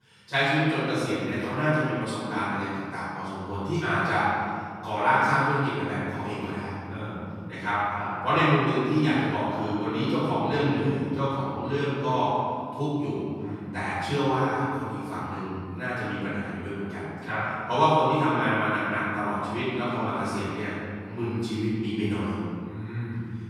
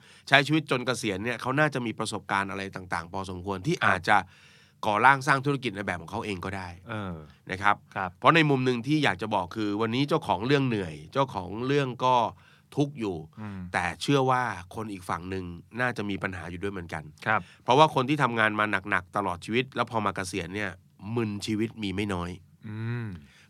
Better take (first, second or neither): second